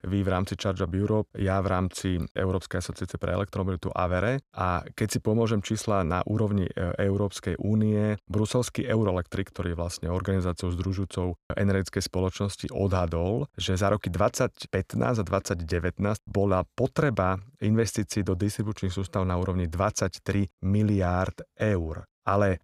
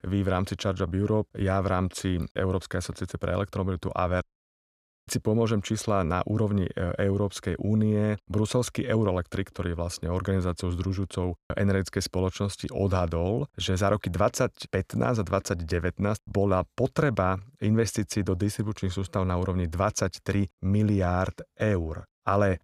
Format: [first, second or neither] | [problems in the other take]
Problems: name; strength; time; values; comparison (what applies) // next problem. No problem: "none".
first | audio cutting out; at 4 s for 1 s